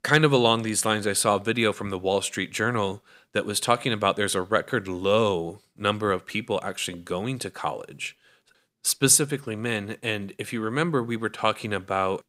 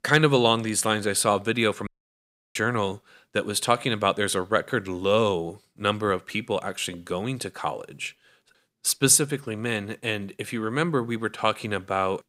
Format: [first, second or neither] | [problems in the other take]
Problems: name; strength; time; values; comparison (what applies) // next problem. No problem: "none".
first | audio cutting out; at 2 s for 0.5 s